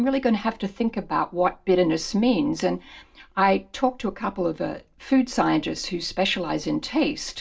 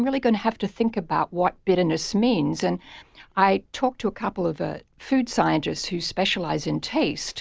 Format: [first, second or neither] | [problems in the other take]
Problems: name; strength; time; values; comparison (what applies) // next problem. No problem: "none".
second | room echo; dies away in 0.2 s